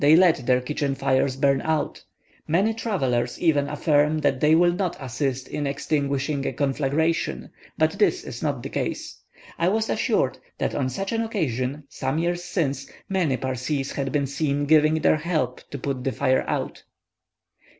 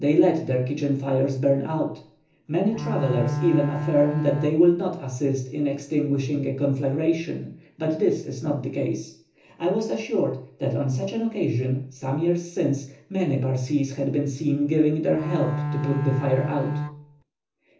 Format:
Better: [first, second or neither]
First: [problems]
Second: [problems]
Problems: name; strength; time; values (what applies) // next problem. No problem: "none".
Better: first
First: none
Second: background sound (Bowed string instrument); 4 dB below the speech // room echo; dies away in 0.7 s